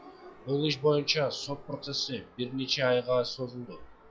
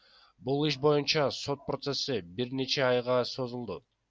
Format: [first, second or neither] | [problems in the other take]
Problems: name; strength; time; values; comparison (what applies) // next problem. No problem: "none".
second | noise reduction (classical method log-MMSE)